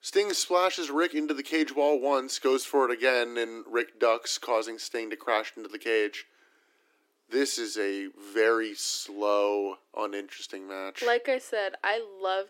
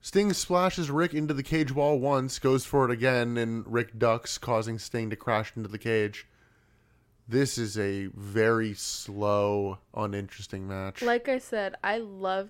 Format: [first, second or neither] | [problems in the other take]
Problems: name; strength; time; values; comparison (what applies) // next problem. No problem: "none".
second | thin; somewhat; fading below 300 Hz